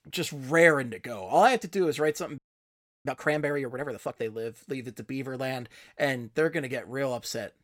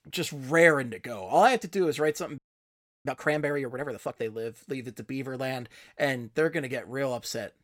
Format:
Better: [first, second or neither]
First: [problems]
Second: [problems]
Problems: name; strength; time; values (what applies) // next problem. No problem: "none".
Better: neither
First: audio freezing; at 2.5 s for 0.5 s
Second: audio freezing; at 2.5 s for 0.5 s